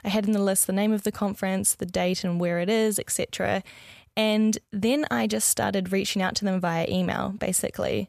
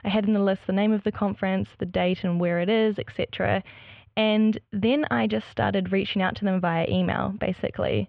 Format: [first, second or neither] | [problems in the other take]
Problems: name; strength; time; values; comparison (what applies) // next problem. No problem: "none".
first | muffled; very; fading above 3 kHz